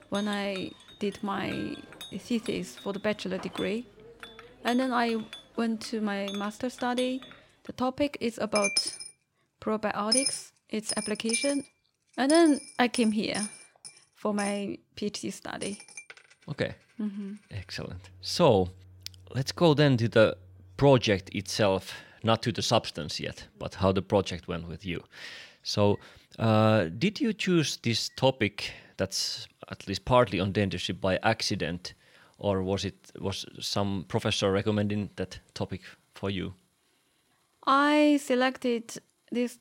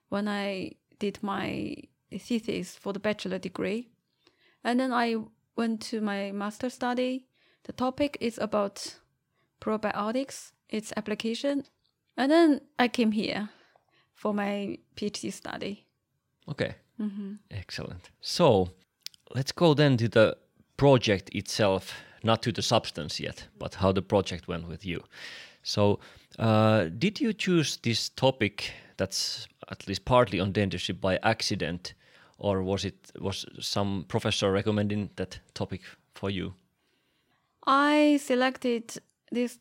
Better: second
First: household noises; loud; throughout; 7 dB below the speech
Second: none

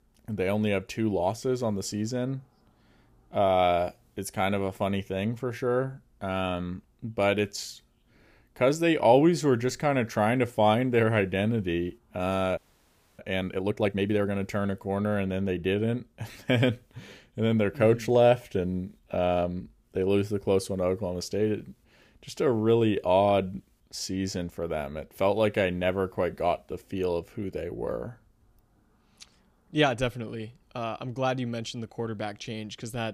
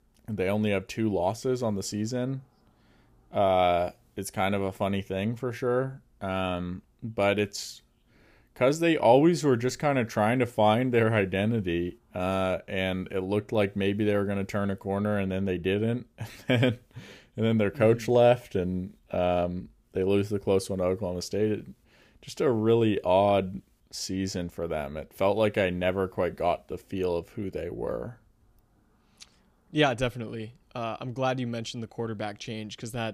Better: second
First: audio freezing; at 13 s for 0.5 s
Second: none

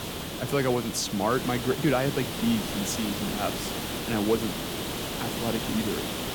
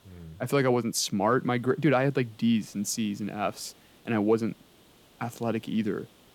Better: second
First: hiss; loud; throughout; 3 dB below the speech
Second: hiss; faint; throughout; 30 dB below the speech

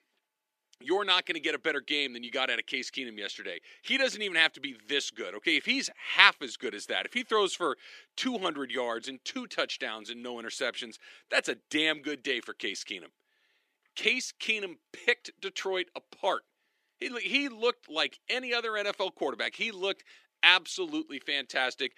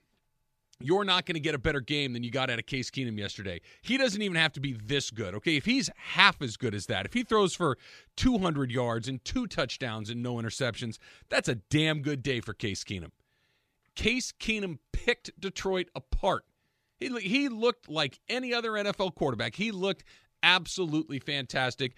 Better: second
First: thin; somewhat; fading below 300 Hz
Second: none

